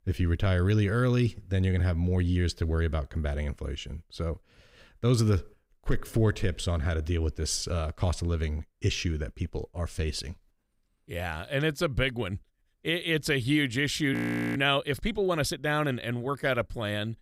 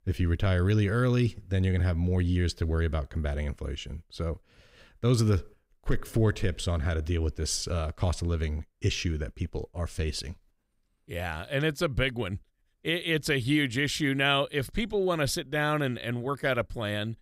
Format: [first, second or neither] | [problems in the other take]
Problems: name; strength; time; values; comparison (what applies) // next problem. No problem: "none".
second | audio freezing; at 14 s